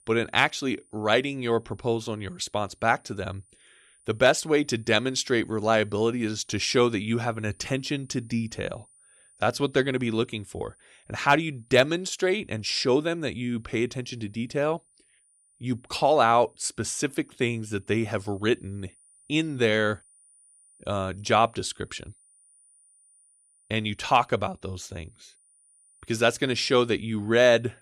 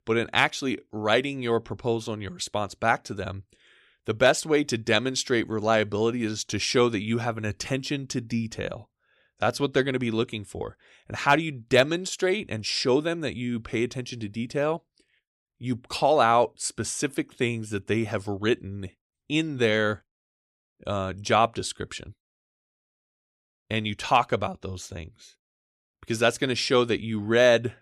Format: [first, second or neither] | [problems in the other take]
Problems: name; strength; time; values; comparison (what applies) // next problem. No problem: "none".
second | high-pitched whine; faint; throughout; 9.5 kHz, 30 dB below the speech